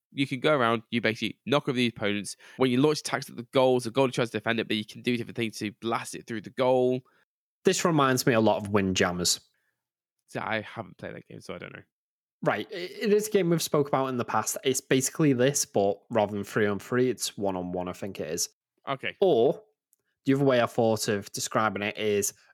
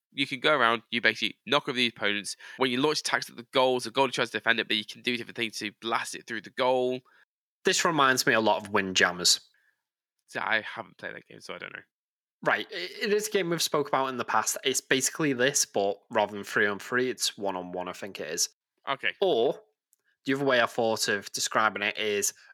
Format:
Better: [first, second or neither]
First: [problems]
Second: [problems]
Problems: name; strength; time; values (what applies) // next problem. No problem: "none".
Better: first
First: none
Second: thin; very slightly; fading below 350 Hz